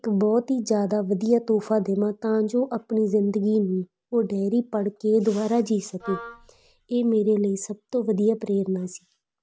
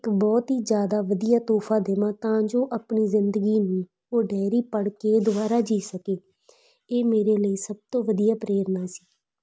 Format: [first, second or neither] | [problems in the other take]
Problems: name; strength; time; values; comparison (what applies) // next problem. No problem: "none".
second | background sound (Wind instrument, woodwind instrument); 16 dB below the speech